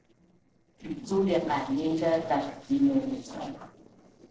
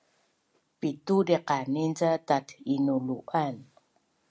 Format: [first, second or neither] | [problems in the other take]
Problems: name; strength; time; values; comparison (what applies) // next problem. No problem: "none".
second | noise reduction (neural separator model SepFormer DNS4)